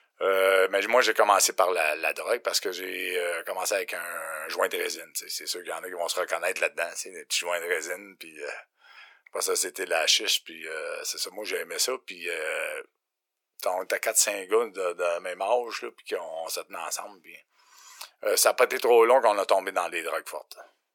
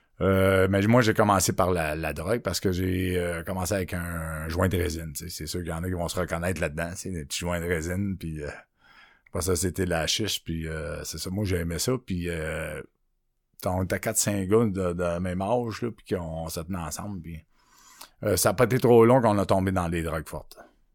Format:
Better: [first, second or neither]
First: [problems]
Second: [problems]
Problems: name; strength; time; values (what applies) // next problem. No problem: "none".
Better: second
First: thin; very; fading below 450 Hz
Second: none